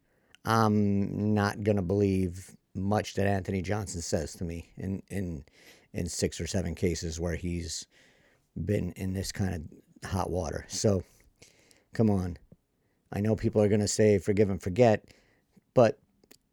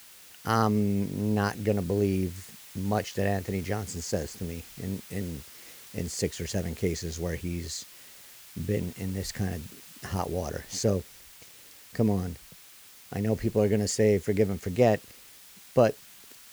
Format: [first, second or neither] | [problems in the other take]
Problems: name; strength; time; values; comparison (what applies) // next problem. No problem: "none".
first | hiss; noticeable; throughout; 15 dB below the speech